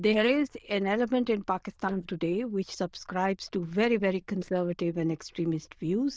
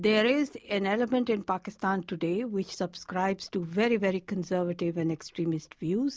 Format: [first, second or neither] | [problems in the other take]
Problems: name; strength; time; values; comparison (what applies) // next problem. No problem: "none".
second | noise reduction (neural diffusion model UNIVERSE++)